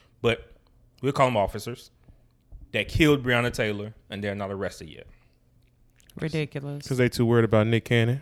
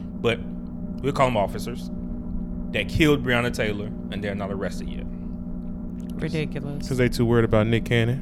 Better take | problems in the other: first | low rumble; noticeable; throughout; 15 dB below the speech

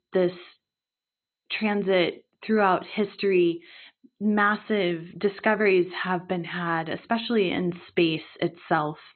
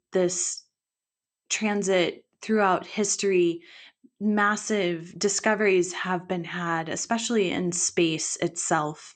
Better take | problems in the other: second | garbled, watery; badly; nothing above 4 kHz; slightly in the second

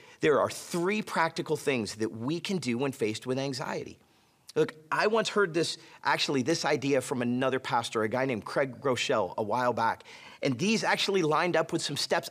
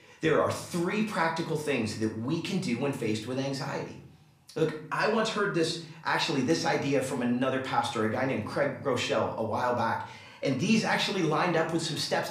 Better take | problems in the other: first | room echo; slight; dies away in 0.5 s // off-mic speech; far

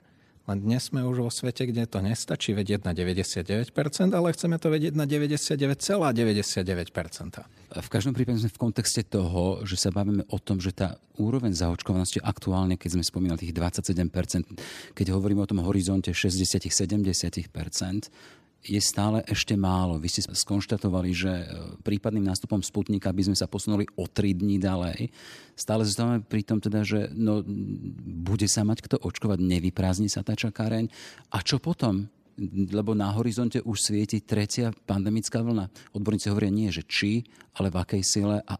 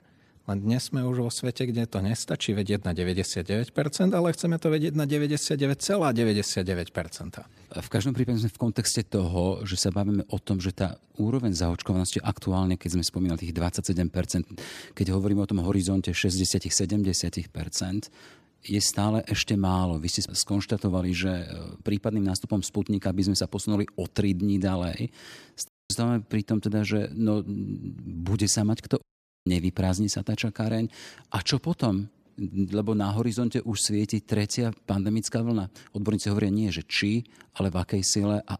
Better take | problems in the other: first | audio cutting out; at 26 s and at 29 s

